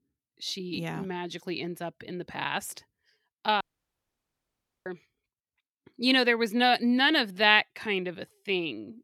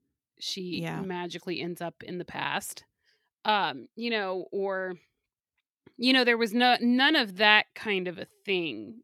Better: second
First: audio cutting out; at 3.5 s for 1.5 s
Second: none

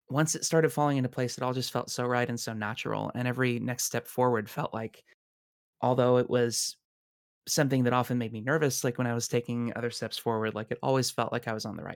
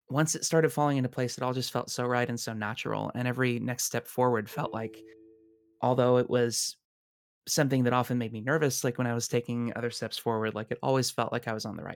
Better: first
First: none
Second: phone ringing; faint; at 4.5 s; peak 15 dB below the speech

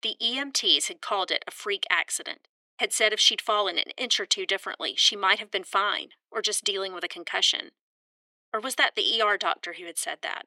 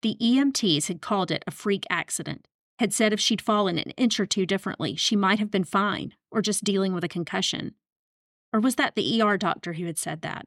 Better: second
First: thin; very; fading below 400 Hz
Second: none

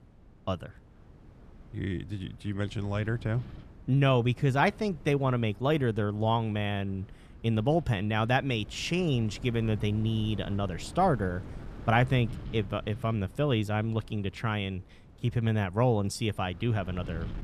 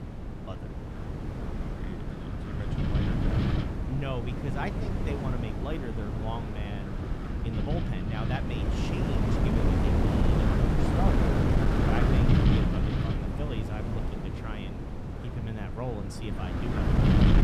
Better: first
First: wind noise on the microphone; occasional gusts; 25 dB below the speech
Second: wind noise on the microphone; heavy; 5 dB above the speech

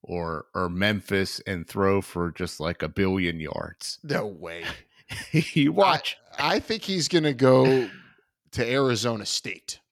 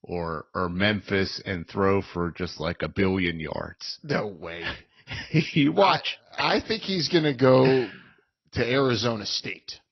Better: first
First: none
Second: garbled, watery; slightly; nothing above 6 kHz

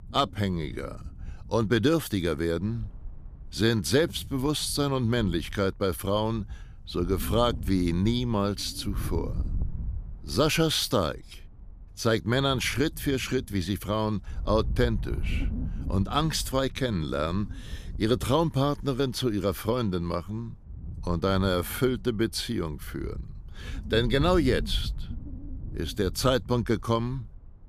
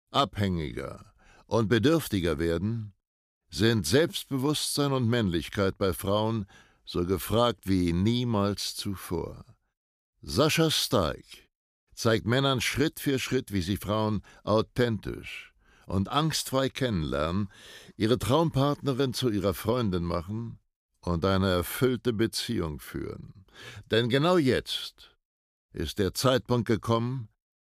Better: second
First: wind noise on the microphone; occasional gusts; 20 dB below the speech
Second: none

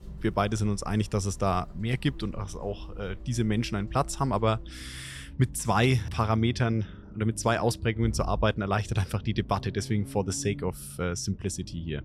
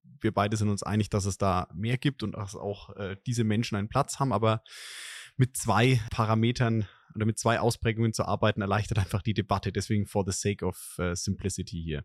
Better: second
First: traffic noise; noticeable; throughout; 15 dB below the speech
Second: none

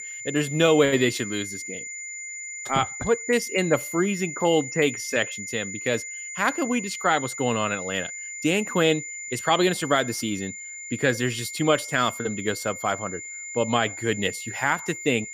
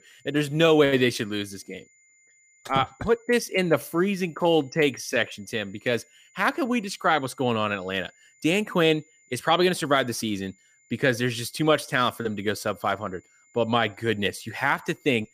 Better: second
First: high-pitched whine; loud; throughout; 2 kHz, 9 dB below the speech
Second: high-pitched whine; faint; throughout; 2 kHz, 35 dB below the speech

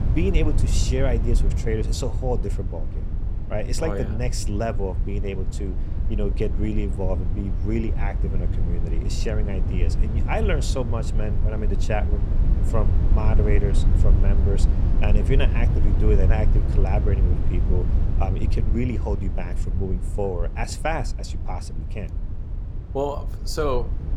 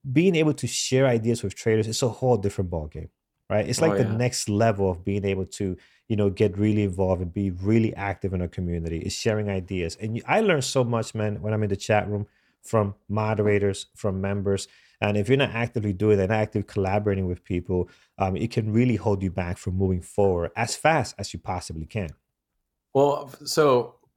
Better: second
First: low rumble; loud; throughout; 9 dB below the speech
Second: none

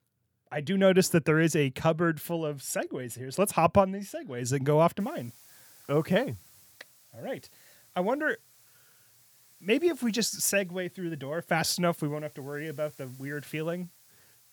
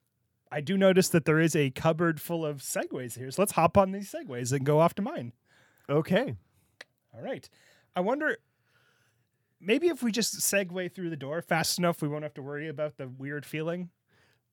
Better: second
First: hiss; faint; from 5 s on; 25 dB below the speech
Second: none

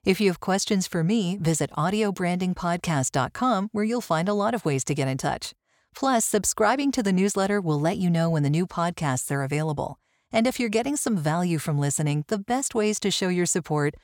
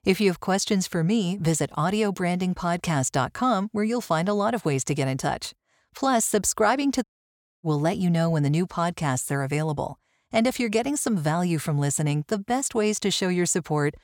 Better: first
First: none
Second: audio cutting out; at 7 s for 0.5 s

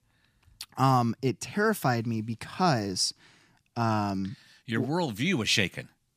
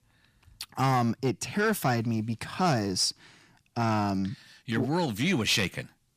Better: first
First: none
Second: distortion; slight; 10 dB below the speech

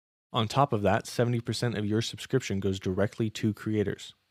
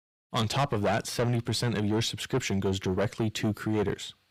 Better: first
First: none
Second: distortion; heavy; 6 dB below the speech

